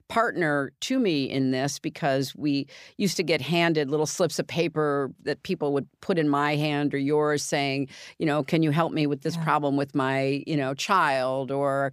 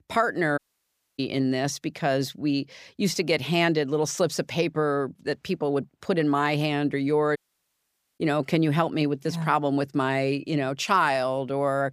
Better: first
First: none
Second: audio cutting out; at 0.5 s for 0.5 s and at 7.5 s for 1 s

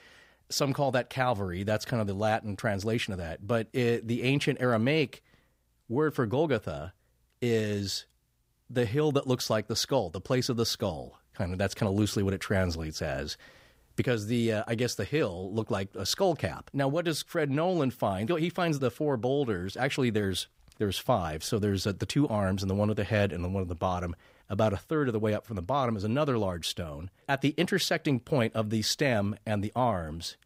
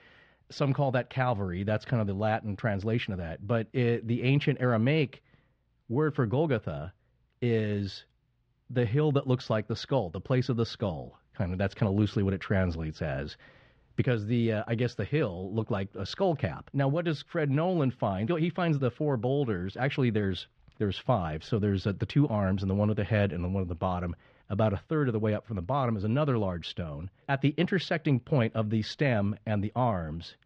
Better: first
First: none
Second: muffled; slightly; fading above 3.5 kHz

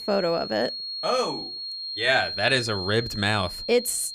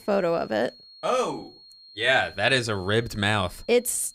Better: second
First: high-pitched whine; loud; throughout; 4.5 kHz, 6 dB below the speech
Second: high-pitched whine; faint; throughout; 4.5 kHz, 25 dB below the speech

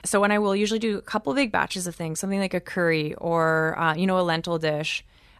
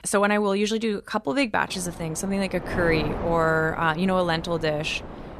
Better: first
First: none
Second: wind noise on the microphone; occasional gusts; from 1.5 s on; 10 dB below the speech

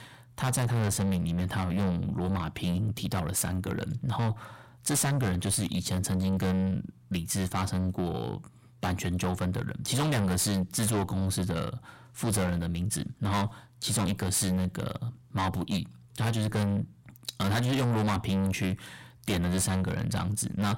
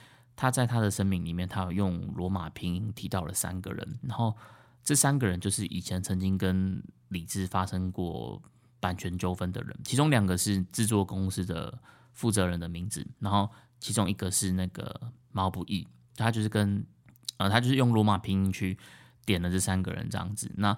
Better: second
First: distortion; heavy; 5 dB below the speech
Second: none

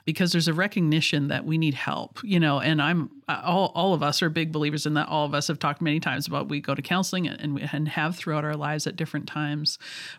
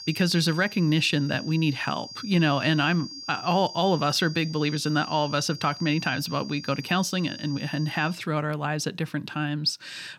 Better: first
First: none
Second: high-pitched whine; noticeable; until 8 s; 5 kHz, 15 dB below the speech

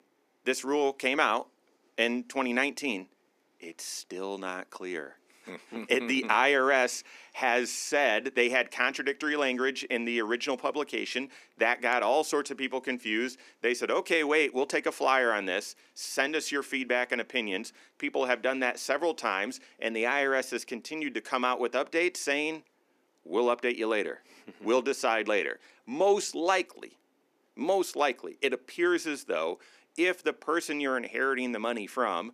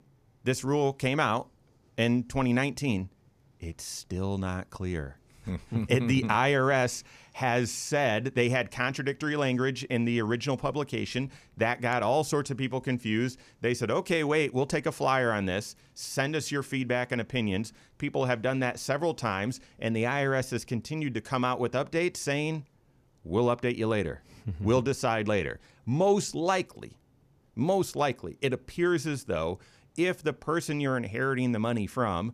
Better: second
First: thin; somewhat; fading below 250 Hz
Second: none

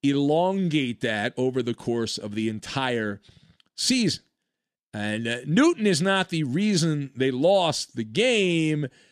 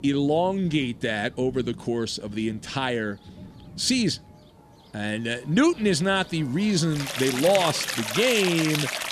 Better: first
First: none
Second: rain or running water; loud; throughout; 6 dB below the speech

